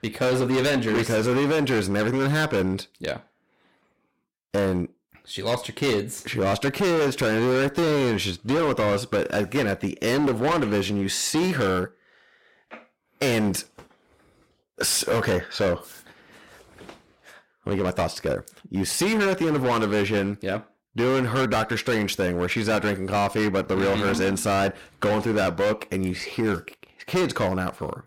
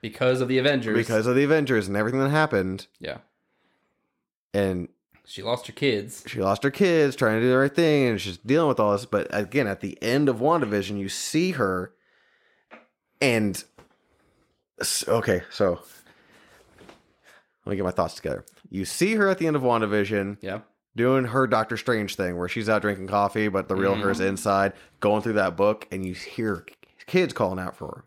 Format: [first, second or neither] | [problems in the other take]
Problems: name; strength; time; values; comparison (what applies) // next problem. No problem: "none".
second | distortion; heavy; 17% of the sound clipped